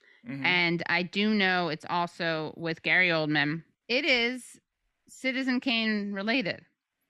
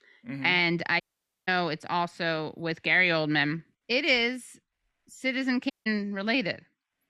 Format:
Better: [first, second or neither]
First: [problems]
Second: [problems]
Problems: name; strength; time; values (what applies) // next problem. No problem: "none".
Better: first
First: none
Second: audio cutting out; at 1 s and at 5.5 s